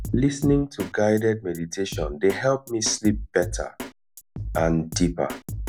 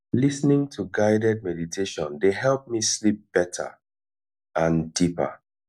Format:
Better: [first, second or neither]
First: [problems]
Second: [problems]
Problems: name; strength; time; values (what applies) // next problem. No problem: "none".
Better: second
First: background sound (Drum kit); 10 dB below the speech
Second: none